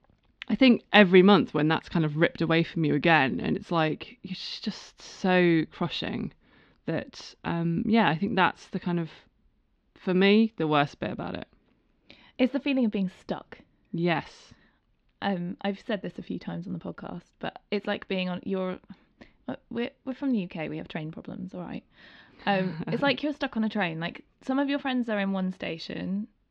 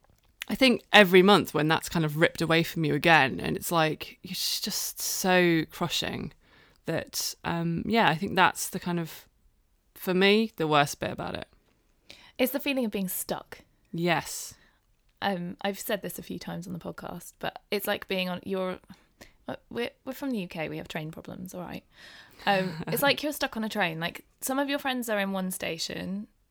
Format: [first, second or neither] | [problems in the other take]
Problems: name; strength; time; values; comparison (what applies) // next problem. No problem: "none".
second | muffled; slightly; fading above 4 kHz